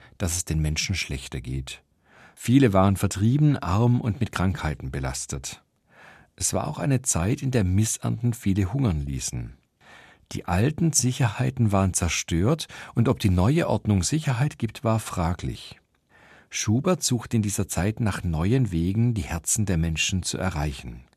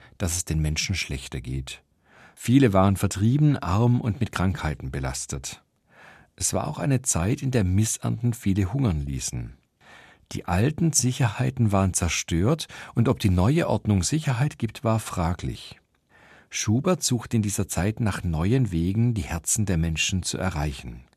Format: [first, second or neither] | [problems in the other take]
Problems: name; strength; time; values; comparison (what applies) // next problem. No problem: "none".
neither | none